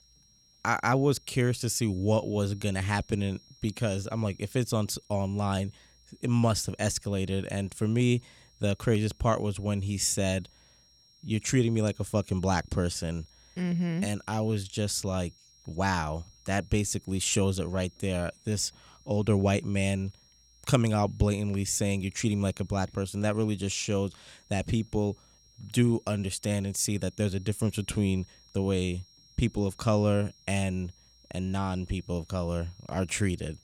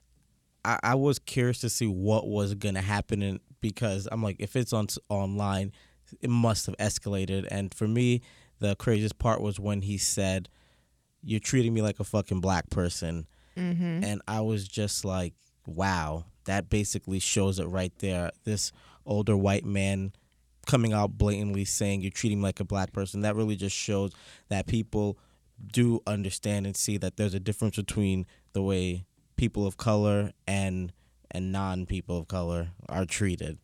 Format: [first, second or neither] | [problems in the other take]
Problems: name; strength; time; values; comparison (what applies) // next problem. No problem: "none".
second | high-pitched whine; faint; throughout; 5.5 kHz, 30 dB below the speech